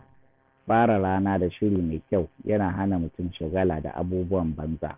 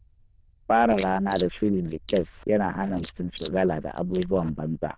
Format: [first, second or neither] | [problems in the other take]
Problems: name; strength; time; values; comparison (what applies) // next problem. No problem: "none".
first | noise reduction (neural diffusion model UNIVERSE++)